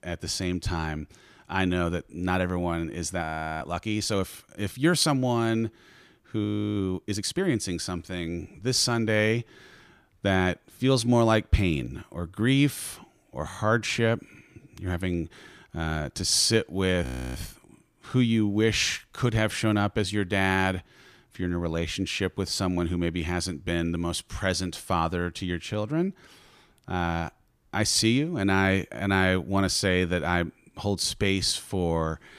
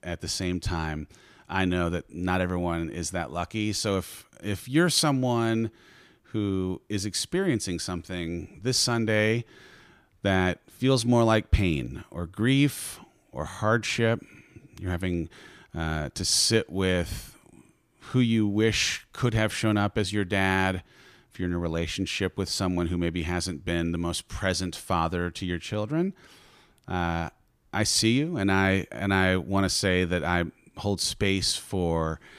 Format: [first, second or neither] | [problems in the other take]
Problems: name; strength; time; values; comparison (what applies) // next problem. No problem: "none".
second | audio freezing; at 3 s, at 6.5 s and at 17 s